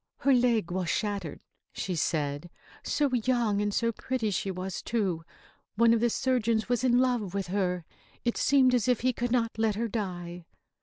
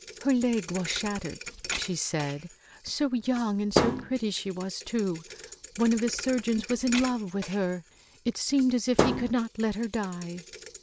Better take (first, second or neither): first